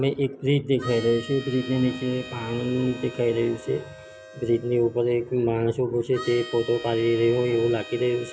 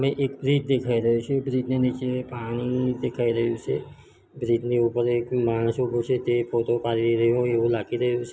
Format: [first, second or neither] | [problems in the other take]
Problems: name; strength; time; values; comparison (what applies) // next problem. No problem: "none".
second | background sound (Harmonica); 17 dB below the speech